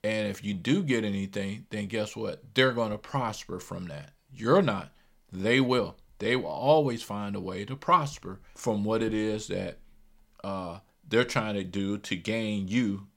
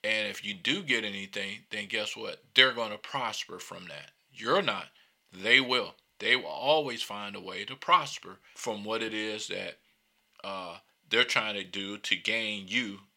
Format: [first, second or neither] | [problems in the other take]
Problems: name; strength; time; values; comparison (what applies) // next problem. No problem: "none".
first | thin; somewhat; fading below 650 Hz